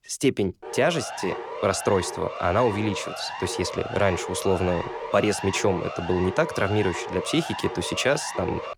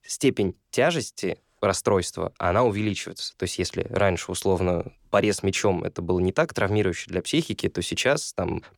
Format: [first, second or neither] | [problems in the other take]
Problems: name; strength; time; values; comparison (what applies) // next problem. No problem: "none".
second | siren; noticeable; from 0.5 s on; peak 7 dB below the speech